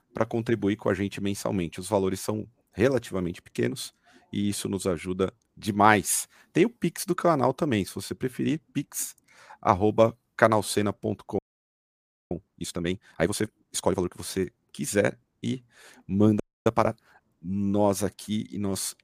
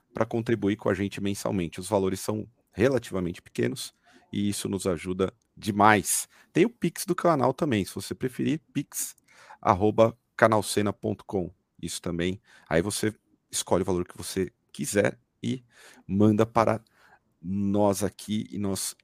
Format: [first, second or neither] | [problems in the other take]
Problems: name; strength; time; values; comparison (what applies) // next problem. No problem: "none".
second | audio freezing; at 11 s for 1 s and at 16 s